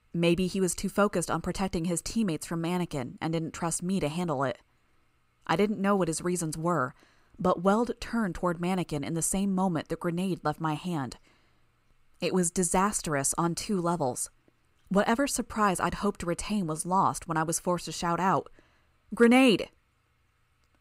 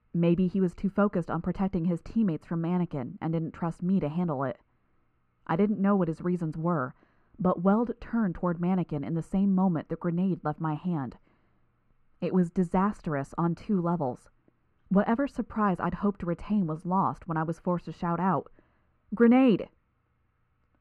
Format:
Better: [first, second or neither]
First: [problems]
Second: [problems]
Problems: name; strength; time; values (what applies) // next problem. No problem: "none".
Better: first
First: none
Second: muffled; very; fading above 4 kHz